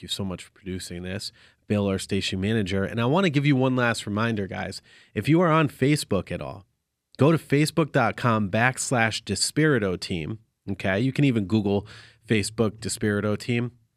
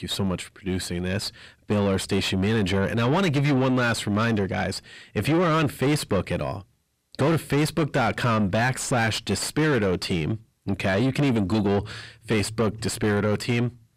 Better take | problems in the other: first | distortion; heavy; 7 dB below the speech

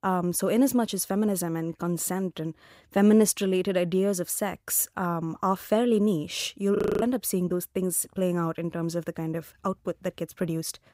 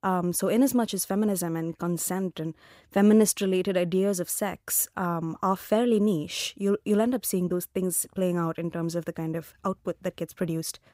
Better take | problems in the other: second | audio freezing; at 7 s

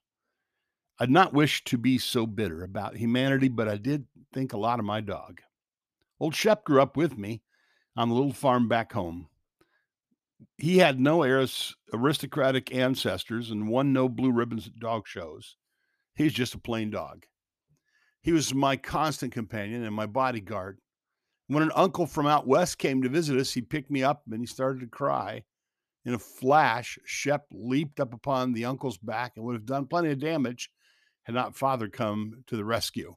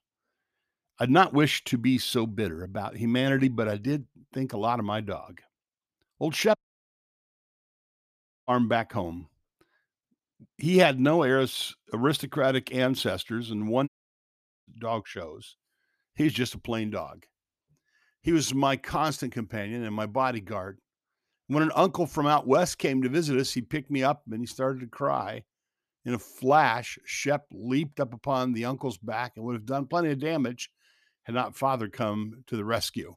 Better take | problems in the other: first | audio cutting out; at 6.5 s for 2 s and at 14 s for 1 s

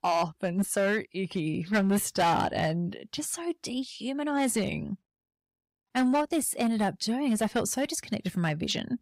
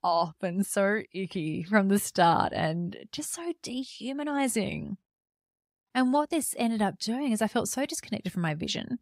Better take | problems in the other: second | distortion; slight; 5% of the sound clipped

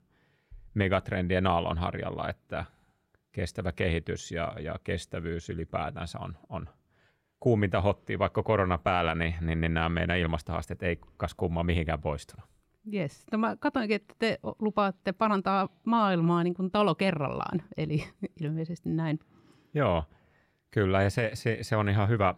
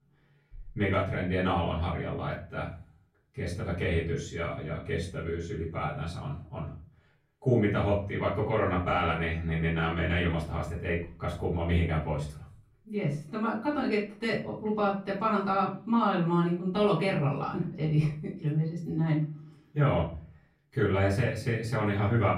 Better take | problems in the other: first | off-mic speech; far // room echo; slight; dies away in 0.4 s

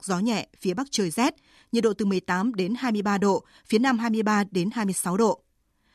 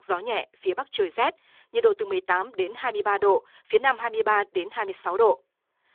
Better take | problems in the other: first | phone-call audio; nothing above 3.5 kHz

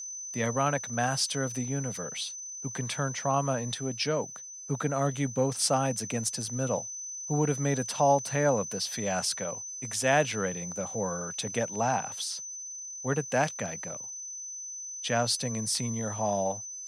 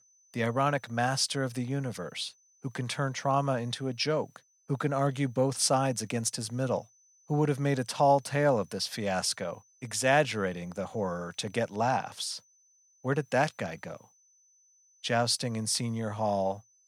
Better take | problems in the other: second | high-pitched whine; loud; throughout; 6 kHz, 7 dB below the speech; faint in the second

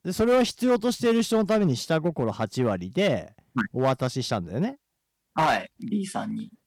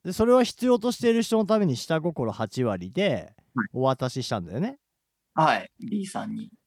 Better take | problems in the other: second | distortion; slight; 5% of the sound clipped

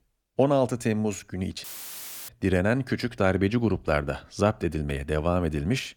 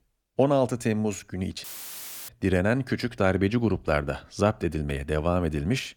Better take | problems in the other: neither | audio cutting out; filled with static; at 1.5 s for 0.5 s; the same in both

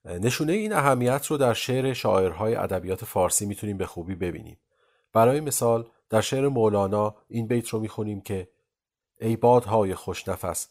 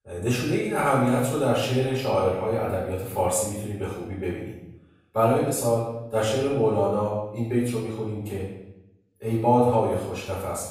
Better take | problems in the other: first | off-mic speech; far // room echo; noticeable; dies away in 0.7 s

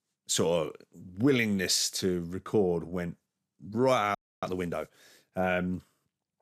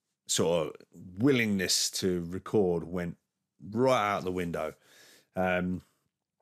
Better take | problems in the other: second | audio freezing; at 4 s

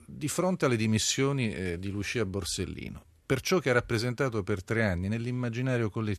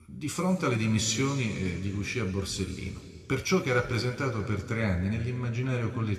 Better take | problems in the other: first | room echo; slight; dies away in 2 s

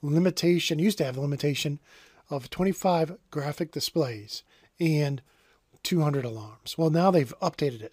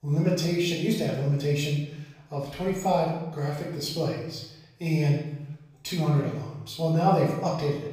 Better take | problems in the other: first | room echo; noticeable; dies away in 0.8 s // off-mic speech; far

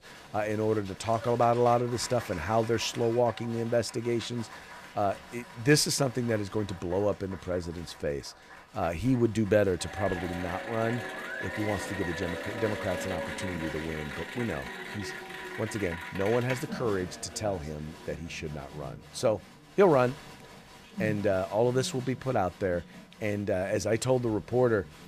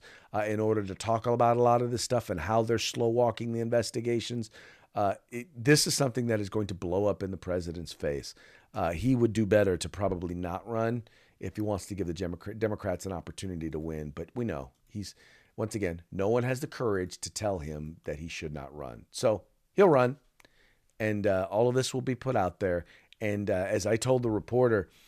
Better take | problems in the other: second | crowd noise; noticeable; throughout; 10 dB below the speech

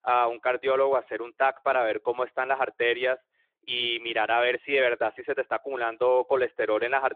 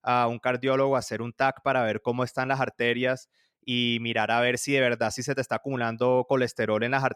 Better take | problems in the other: second | phone-call audio; nothing above 3.5 kHz

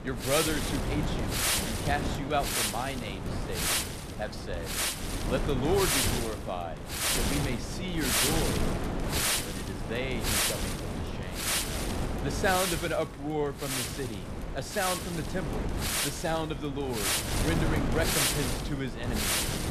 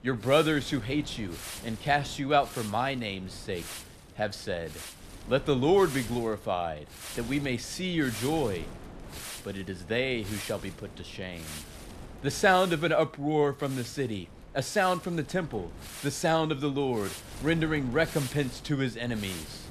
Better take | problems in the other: second | wind noise on the microphone; heavy; 2 dB above the speech; occasional gusts in the second

